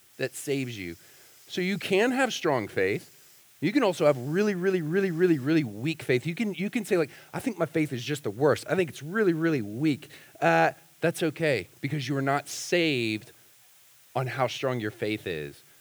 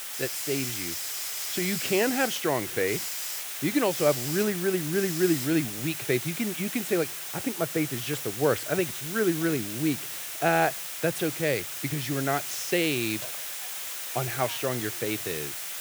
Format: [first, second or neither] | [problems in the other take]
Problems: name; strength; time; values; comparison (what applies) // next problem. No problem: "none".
first | hiss; loud; throughout; 3 dB below the speech; faint in the first